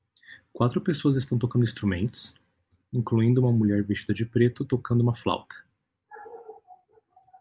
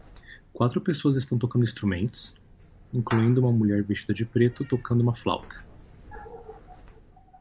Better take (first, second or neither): first